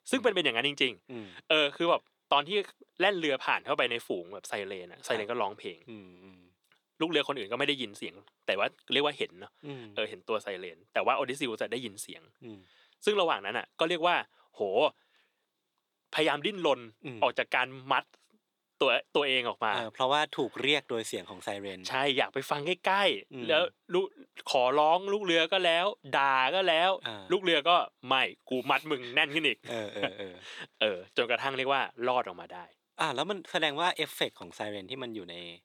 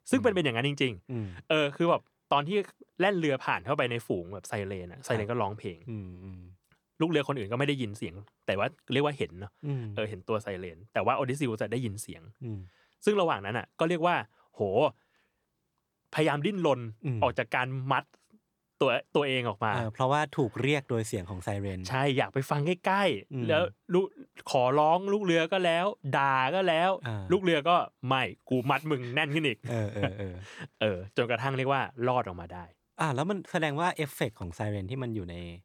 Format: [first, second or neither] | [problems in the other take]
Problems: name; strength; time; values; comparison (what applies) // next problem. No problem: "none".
second | thin; somewhat; fading below 300 Hz